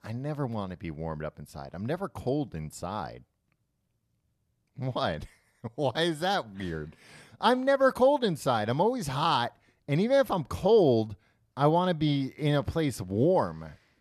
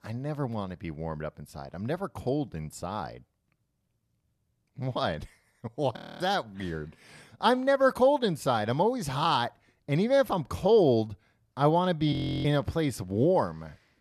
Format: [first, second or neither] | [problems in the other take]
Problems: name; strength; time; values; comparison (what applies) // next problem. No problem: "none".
first | audio freezing; at 6 s and at 12 s